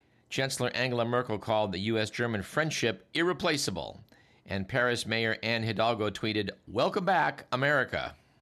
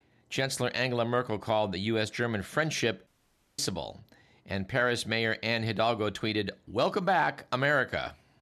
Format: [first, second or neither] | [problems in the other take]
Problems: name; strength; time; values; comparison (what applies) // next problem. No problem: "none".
first | audio cutting out; at 3 s for 0.5 s